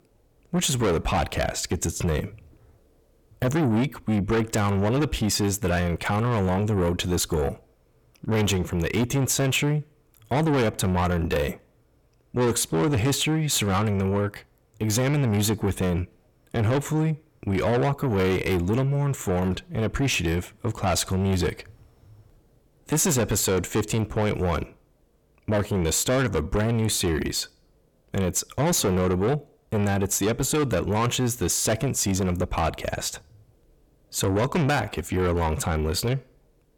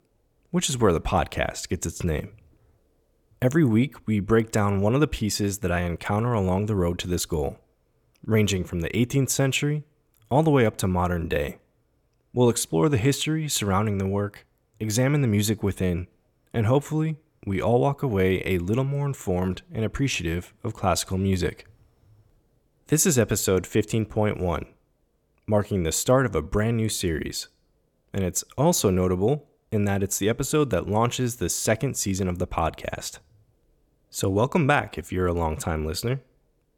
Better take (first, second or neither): second